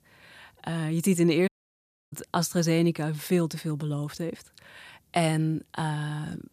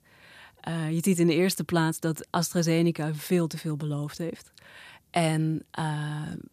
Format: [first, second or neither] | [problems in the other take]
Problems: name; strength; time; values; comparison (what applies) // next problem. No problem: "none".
second | audio cutting out; at 1.5 s for 0.5 s